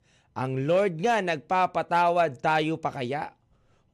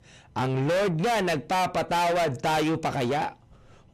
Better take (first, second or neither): first